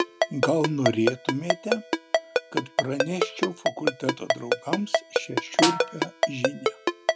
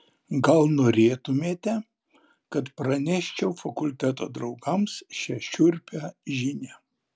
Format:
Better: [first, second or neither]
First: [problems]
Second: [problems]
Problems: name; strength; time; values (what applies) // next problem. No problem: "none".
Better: second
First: background sound (Ringtone + Snare drum); 3 dB above the speech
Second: none